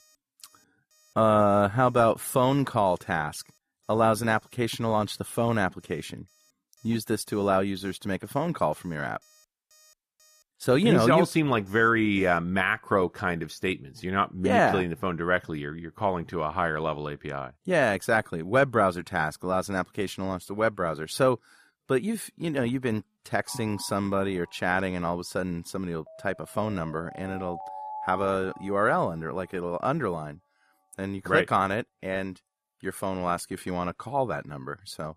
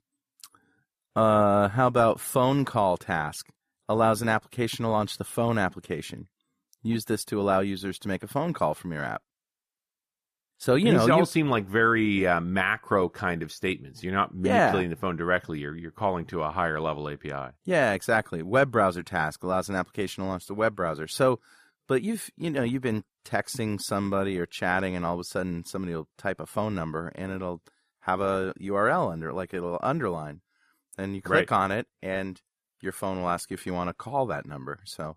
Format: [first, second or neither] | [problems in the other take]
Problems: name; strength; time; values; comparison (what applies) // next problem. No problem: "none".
second | alarms or sirens; noticeable; throughout; 20 dB below the speech